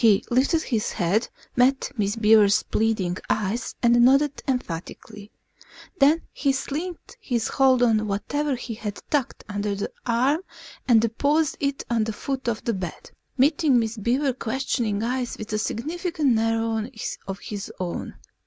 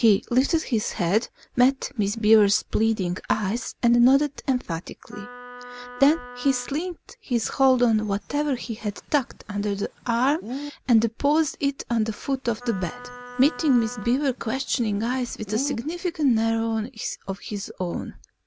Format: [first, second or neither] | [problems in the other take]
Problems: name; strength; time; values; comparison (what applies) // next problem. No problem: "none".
first | background sound (Wind instrument, woodwind instrument + Bird); 16 dB below the speech